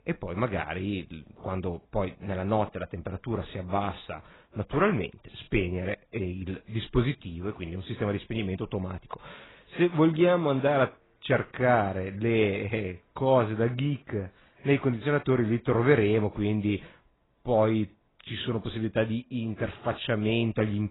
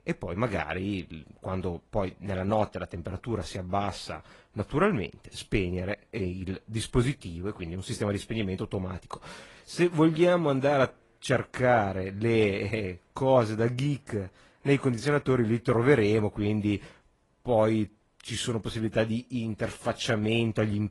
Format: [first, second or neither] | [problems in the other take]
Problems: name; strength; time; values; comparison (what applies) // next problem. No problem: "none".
second | garbled, watery; badly; nothing above 4 kHz; slightly in the second